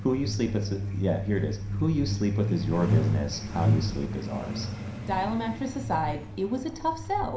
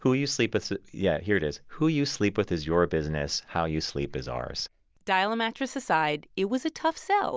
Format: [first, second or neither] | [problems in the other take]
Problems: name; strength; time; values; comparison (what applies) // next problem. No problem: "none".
second | background sound (Truck); 1 dB below the speech // room echo; dies away in 0.5 s